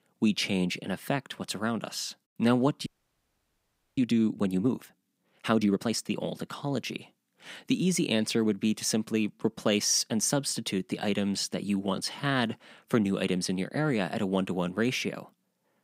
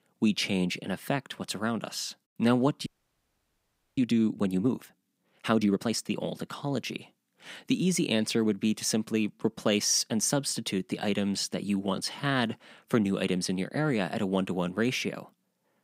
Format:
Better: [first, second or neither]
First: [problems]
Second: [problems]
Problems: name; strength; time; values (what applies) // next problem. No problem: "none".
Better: neither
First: audio freezing; at 3 s for 1 s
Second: audio freezing; at 3 s for 1 s